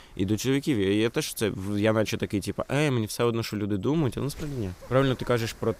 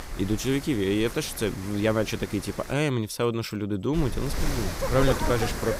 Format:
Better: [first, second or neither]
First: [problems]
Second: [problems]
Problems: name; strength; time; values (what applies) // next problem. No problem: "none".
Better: first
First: wind noise on the microphone; occasional gusts; until 2.5 s and from 4 s on; 25 dB below the speech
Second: wind noise on the microphone; heavy; until 2.5 s and from 4 s on; 5 dB below the speech